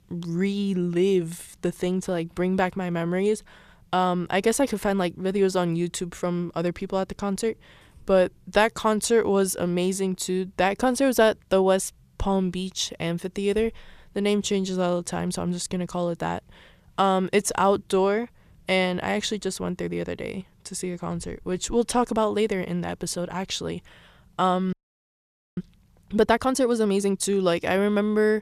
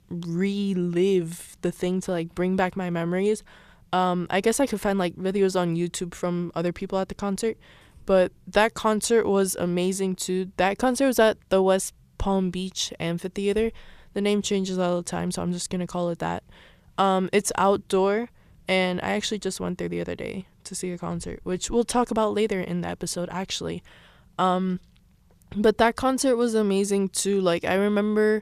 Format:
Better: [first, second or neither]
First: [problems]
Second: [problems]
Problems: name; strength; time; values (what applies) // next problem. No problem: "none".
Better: second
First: audio freezing; at 25 s for 1 s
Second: none